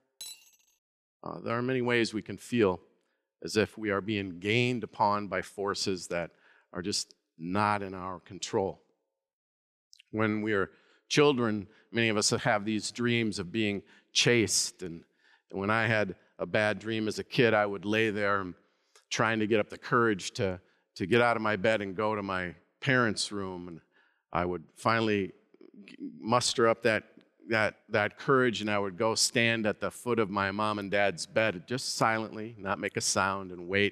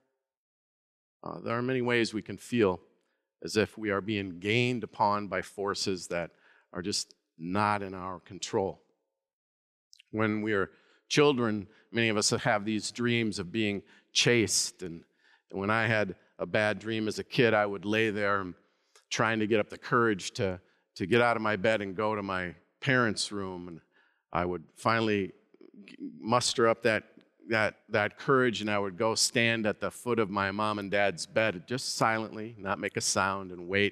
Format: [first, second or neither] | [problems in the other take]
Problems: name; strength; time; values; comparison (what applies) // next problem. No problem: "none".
second | clattering dishes; faint; at the start; peak 15 dB below the speech